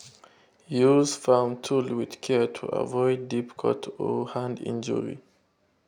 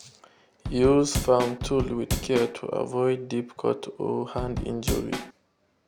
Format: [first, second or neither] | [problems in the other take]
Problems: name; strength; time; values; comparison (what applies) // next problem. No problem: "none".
first | background sound (Drum / Drum kit); 5 dB below the speech